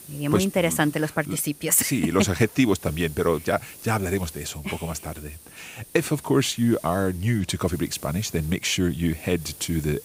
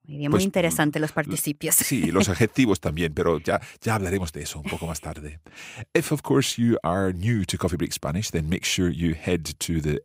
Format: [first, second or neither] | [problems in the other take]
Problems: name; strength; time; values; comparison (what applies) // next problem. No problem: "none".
second | hiss; noticeable; throughout; 20 dB below the speech